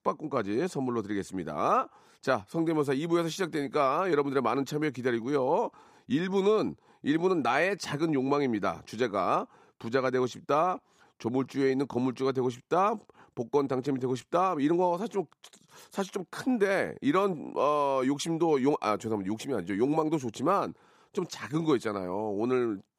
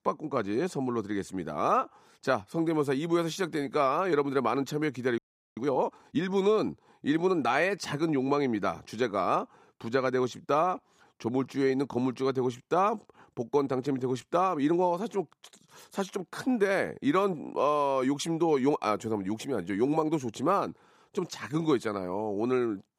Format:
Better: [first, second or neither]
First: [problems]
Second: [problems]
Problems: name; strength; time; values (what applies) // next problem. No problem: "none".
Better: first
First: none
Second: audio freezing; at 5 s